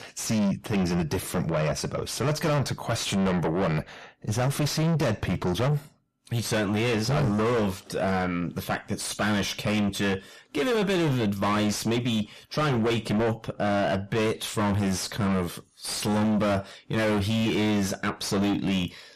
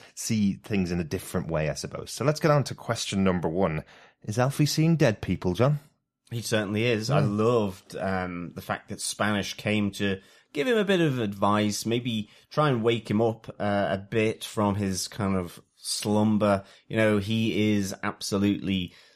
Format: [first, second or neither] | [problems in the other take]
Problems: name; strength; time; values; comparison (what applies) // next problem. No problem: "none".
second | distortion; heavy; 6 dB below the speech